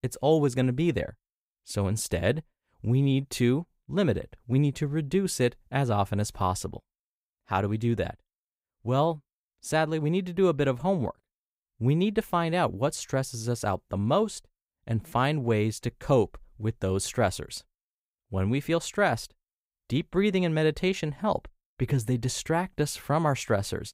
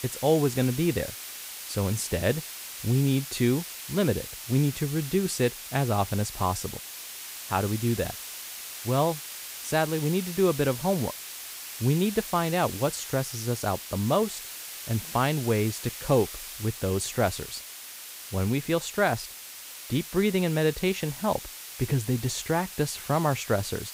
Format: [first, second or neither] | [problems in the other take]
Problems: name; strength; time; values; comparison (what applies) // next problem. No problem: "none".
first | hiss; loud; throughout; 9 dB below the speech